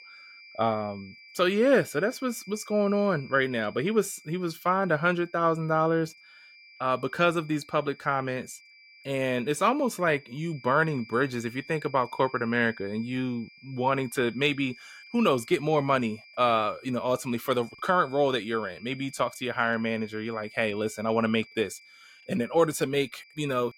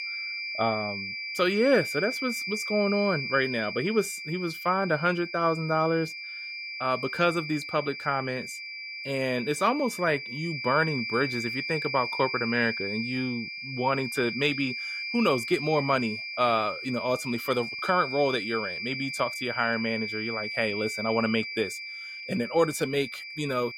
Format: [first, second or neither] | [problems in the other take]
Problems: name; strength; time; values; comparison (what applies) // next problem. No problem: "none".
first | high-pitched whine; loud; throughout; 2.5 kHz, 5 dB below the speech; faint in the first